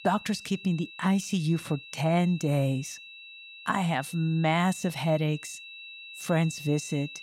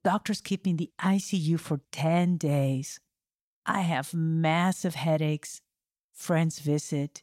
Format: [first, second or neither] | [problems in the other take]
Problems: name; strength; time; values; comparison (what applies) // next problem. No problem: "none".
second | high-pitched whine; noticeable; throughout; 2.5 kHz, 15 dB below the speech